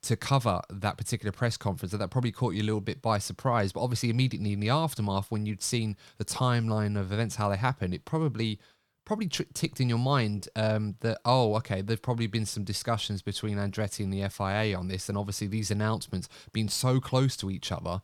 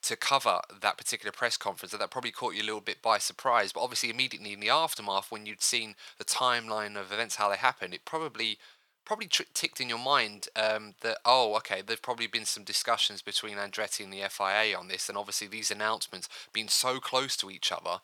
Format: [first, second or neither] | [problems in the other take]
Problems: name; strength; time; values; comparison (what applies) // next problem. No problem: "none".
first | thin; very; fading below 650 Hz